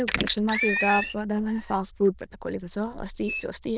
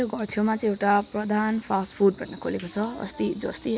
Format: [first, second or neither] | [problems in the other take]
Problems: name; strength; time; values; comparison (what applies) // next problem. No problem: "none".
second | noise reduction (neural diffusion model UNIVERSE++)